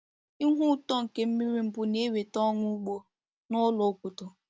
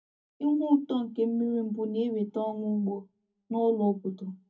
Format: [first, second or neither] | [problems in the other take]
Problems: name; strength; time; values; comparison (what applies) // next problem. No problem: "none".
first | room echo; dies away in 0.3 s